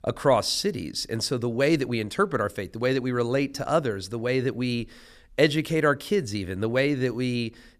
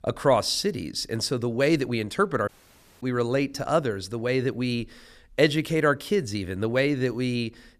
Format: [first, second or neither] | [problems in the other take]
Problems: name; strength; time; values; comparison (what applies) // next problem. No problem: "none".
first | audio cutting out; at 2.5 s for 0.5 s